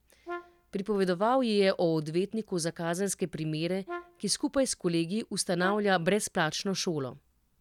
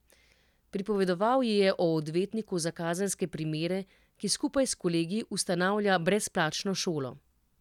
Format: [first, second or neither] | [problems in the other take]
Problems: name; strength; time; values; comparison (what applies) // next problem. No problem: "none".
second | background sound (Brass instrument); 15 dB below the speech